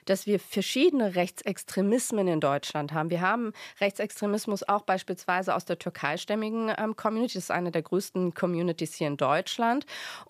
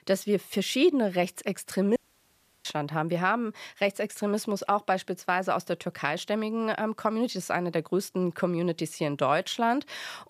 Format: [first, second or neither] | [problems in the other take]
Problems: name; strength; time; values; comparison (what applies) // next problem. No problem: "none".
first | audio cutting out; at 2 s for 0.5 s